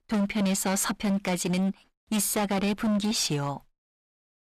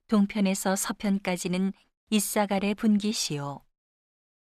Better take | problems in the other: second | distortion; heavy; 19% of the sound clipped

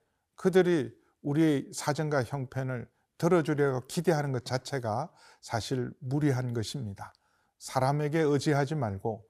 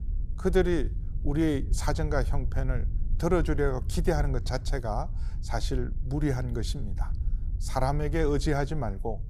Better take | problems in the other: first | low rumble; faint; throughout; 20 dB below the speech

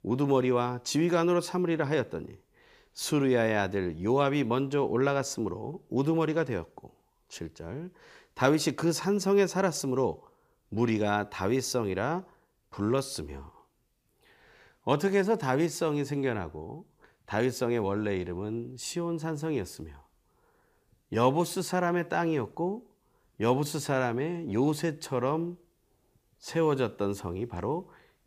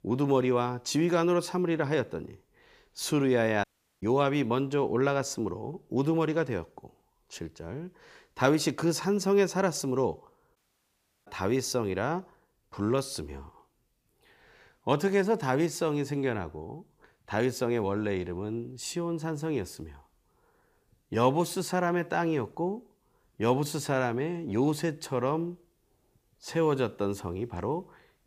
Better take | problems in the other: first | audio cutting out; at 3.5 s and at 11 s for 0.5 s

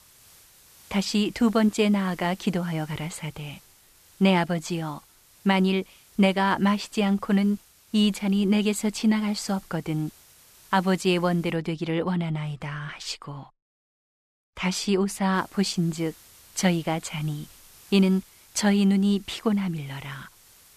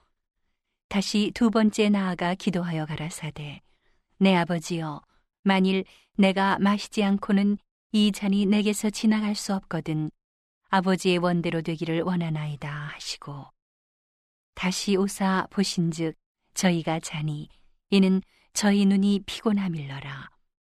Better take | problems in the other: second | hiss; faint; until 12 s and from 15 s on; 25 dB below the speech

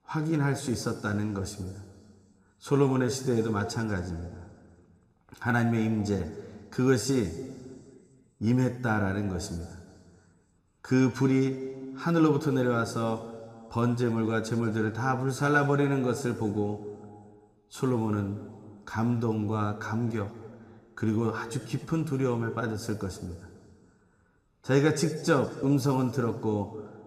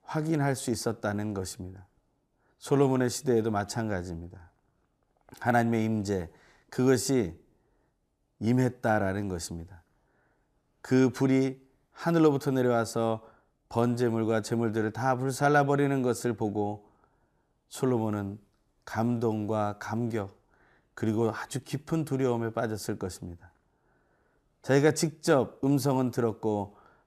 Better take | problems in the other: second | room echo; slight; dies away in 1.5 s

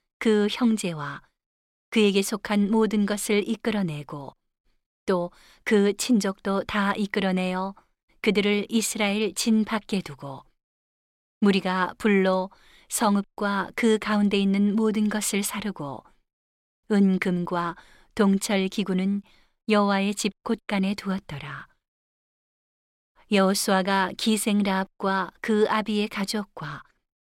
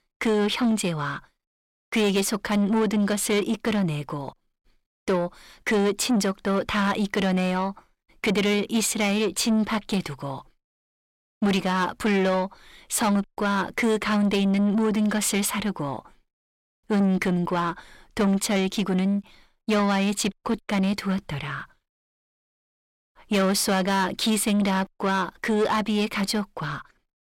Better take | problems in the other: first | distortion; slight; 10 dB below the speech

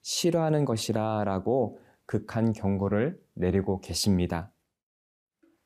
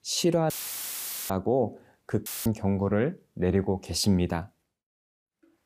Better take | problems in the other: first | audio cutting out; filled with static; at 0.5 s for 1 s and at 2.5 s

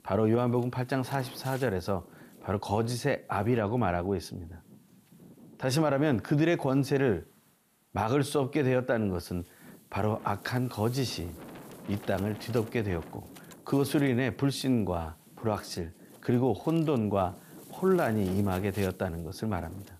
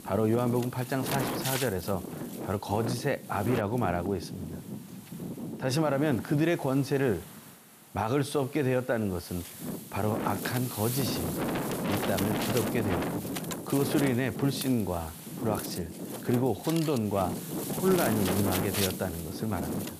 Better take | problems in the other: first | wind noise on the microphone; heavy; 5 dB below the speech; occasional gusts in the first

